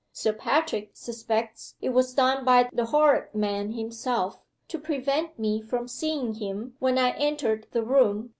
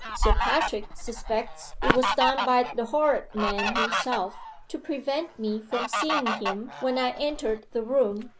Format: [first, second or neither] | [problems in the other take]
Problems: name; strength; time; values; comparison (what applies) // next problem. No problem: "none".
first | background sound (Fowl); 2 dB below the speech